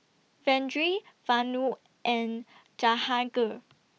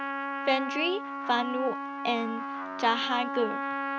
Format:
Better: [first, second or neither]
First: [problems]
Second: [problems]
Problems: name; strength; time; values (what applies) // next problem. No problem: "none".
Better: first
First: none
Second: background sound (Trumpet); 3 dB below the speech